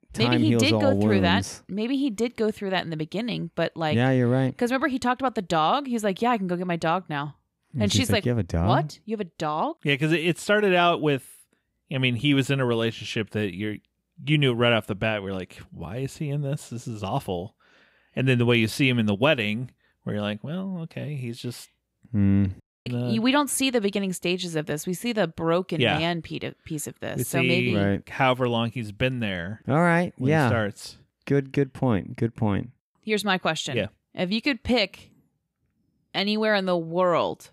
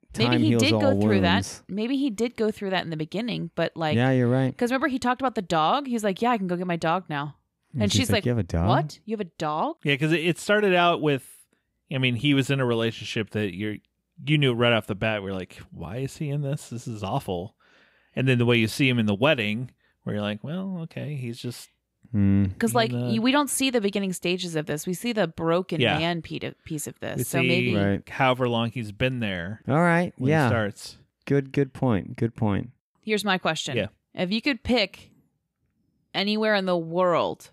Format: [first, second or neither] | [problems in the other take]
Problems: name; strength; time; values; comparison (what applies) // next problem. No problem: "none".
second | audio cutting out; at 23 s